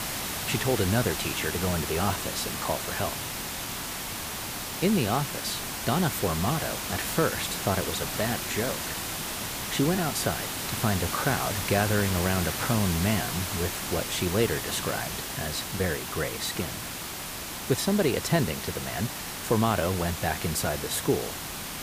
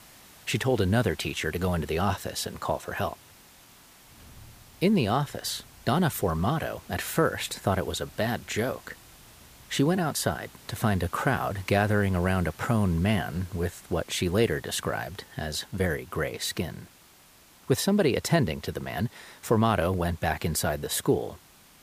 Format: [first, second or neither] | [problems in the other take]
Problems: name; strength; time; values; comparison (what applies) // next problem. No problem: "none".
second | hiss; loud; throughout; 3 dB below the speech; faint in the second